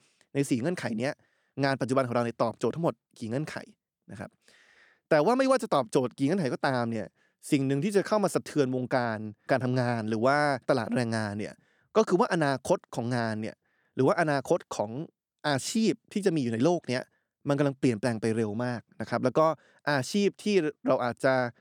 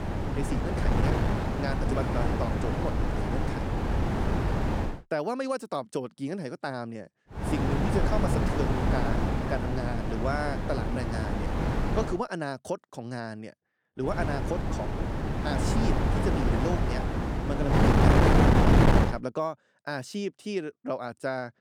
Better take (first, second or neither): first